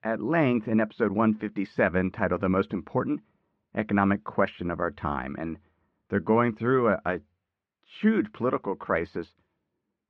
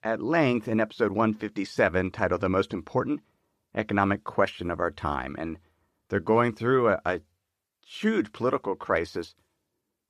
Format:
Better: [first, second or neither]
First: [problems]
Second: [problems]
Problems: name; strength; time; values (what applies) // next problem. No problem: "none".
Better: second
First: muffled; slightly; fading above 2 kHz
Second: none